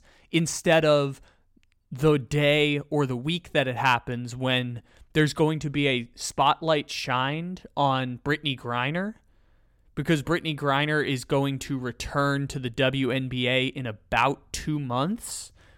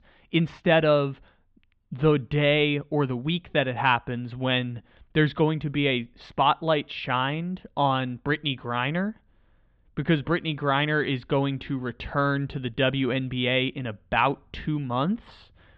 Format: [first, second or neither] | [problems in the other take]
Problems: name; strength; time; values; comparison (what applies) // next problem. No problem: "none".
first | muffled; very; fading above 3.5 kHz